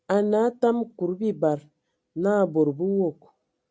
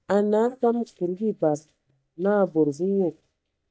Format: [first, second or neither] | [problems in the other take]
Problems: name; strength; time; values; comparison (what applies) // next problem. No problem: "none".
first | noise reduction (neural mask model DeepFilterNet 3)